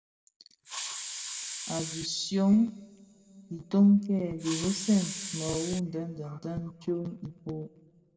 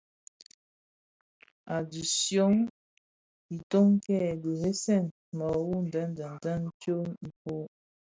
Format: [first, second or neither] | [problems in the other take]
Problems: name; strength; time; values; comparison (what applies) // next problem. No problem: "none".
second | background sound (Hiss); 7 dB below the speech // room echo; dies away in 1.6 s